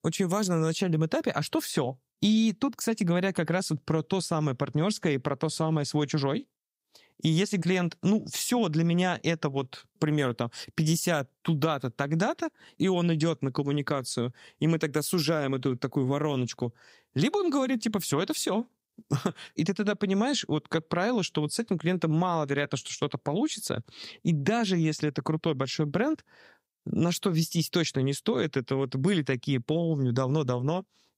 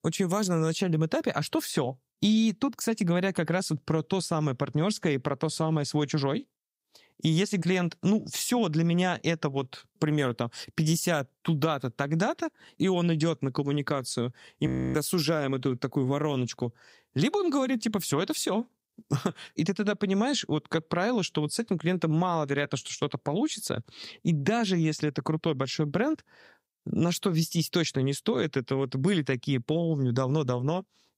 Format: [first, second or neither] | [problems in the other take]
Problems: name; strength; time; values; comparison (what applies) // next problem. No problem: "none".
first | audio freezing; at 15 s